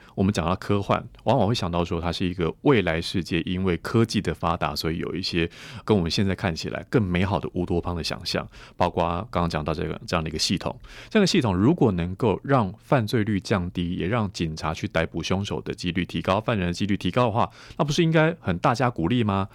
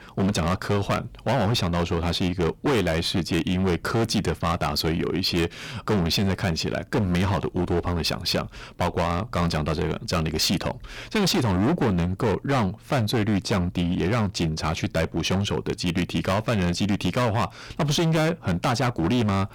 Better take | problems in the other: first | distortion; heavy; 19% of the sound clipped

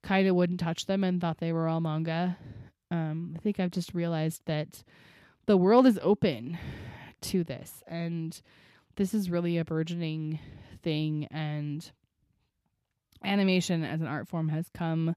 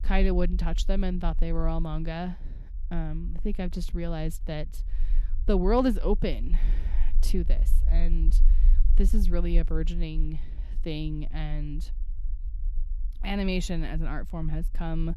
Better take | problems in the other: first | low rumble; faint; throughout; 20 dB below the speech

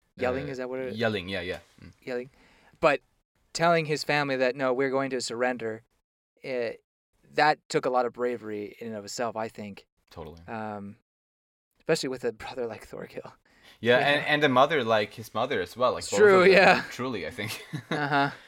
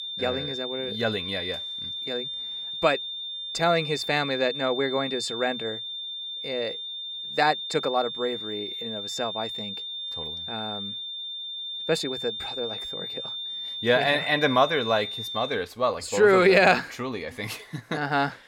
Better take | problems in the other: first | high-pitched whine; loud; until 16 s; 3.5 kHz, 6 dB below the speech

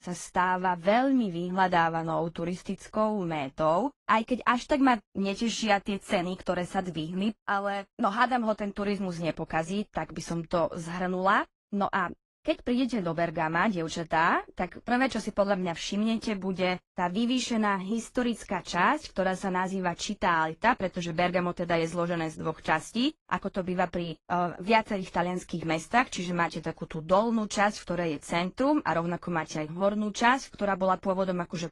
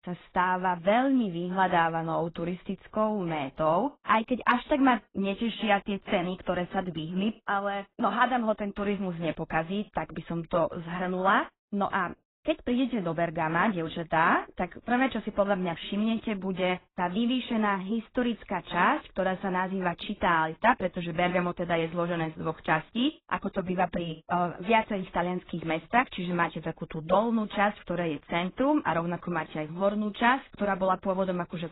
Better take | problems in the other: first | garbled, watery; badly; nothing above 4 kHz; slightly in the first

